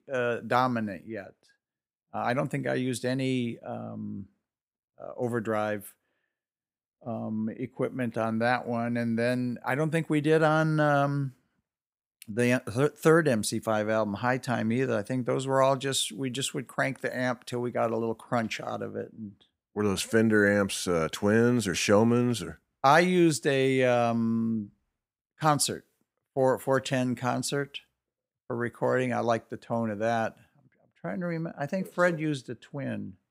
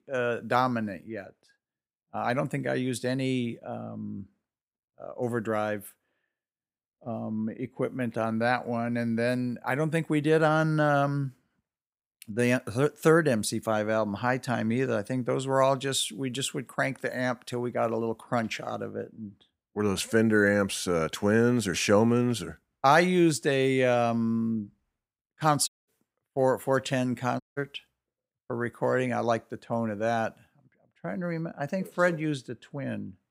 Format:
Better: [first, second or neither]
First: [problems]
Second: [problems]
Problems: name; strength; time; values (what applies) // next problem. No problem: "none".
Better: first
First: none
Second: audio cutting out; at 26 s and at 27 s